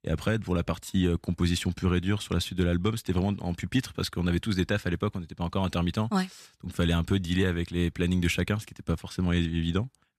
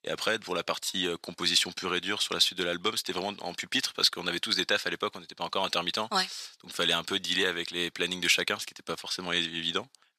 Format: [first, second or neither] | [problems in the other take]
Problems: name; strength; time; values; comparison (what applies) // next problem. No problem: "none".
first | thin; very; fading below 500 Hz